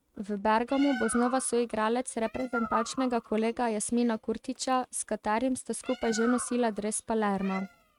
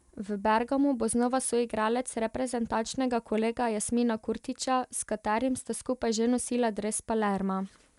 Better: second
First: noise reduction (neural mask model RNNoise)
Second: none

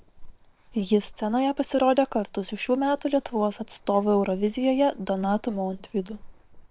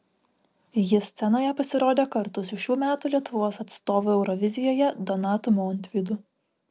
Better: second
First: noise reduction (neural separator model SepFormer WHAM!)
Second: none

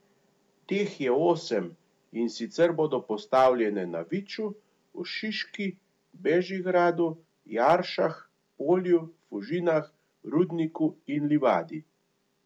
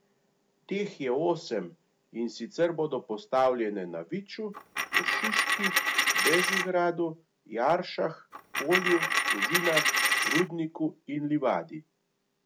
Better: first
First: none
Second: background sound (Coin (dropping)); 4 dB above the speech

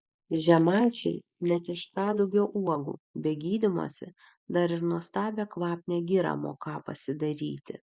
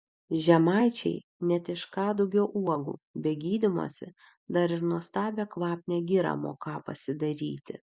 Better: second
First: noise reduction (neural mask model Resemble Enhance denoiser)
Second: none

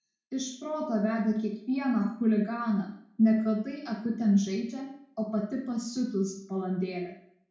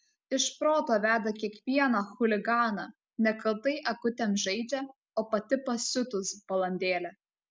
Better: second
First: room echo; dies away in 0.5 s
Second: none

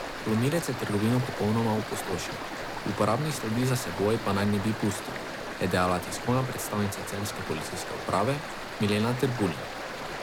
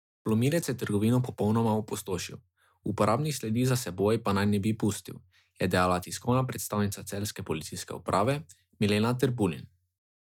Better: second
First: background sound (Stream); 7 dB below the speech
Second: none

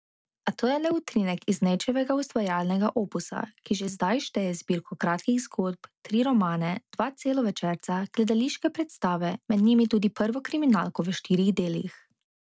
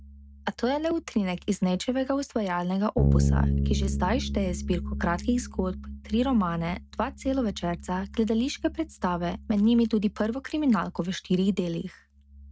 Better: first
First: none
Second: noise reduction (neural mask model RNNoise)

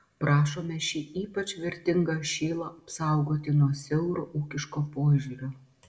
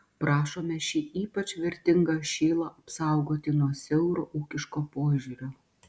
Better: second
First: room echo; dies away in 0.5 s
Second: none

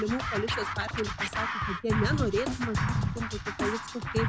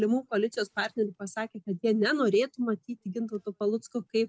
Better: second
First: background sound (Scratching (performance technique)); 2 dB above the speech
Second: none

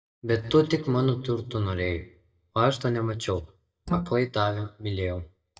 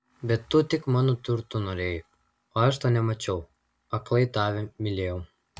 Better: second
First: noise reduction (neural mask model DeepFilterNet 3)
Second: none

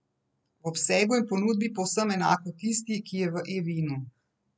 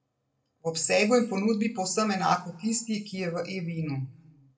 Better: first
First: none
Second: room echo; dies away in 0.5 s

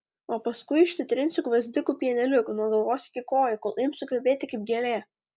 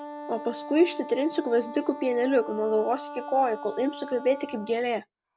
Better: first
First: none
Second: background sound (Wind instrument, woodwind instrument); 13 dB below the speech

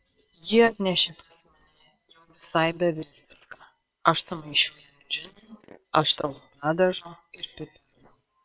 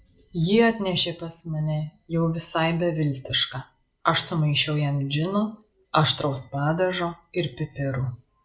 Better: second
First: noise reduction (neural separator model SepFormer WHAM!)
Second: none

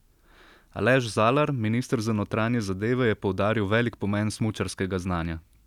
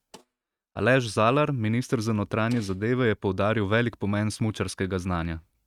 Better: first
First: none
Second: noise reduction (neural mask model RNNoise)

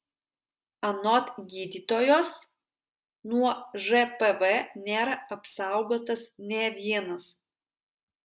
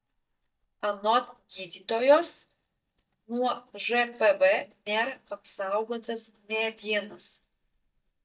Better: first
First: none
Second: noise reduction (neural mask model DeepFilterNet 3)

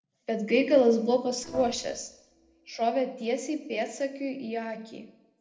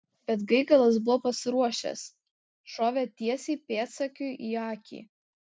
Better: second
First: noise reduction (neural separator model SepFormer DNS4)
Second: none

